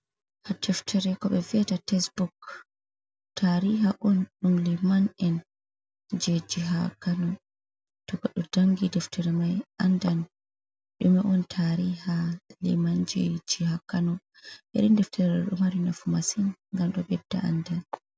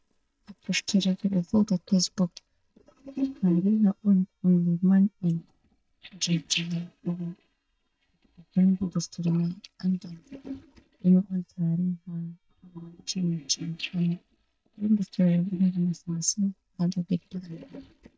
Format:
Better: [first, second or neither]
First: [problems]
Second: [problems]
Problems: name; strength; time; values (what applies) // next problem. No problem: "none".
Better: first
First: none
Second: noise reduction (neural mask model DeepFilterNet 3)